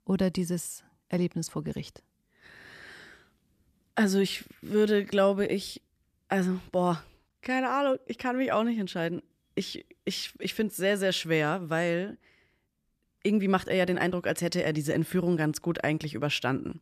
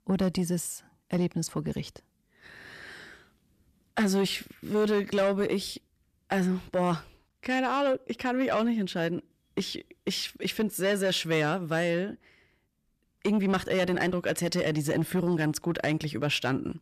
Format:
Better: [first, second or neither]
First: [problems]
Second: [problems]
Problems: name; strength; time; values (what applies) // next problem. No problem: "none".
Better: first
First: none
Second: distortion; slight; 10 dB below the speech